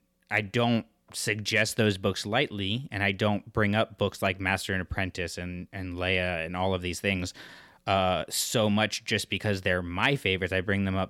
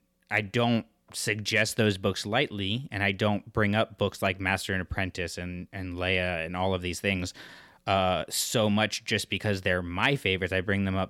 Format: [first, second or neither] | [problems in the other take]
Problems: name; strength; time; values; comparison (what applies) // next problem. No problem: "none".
neither | none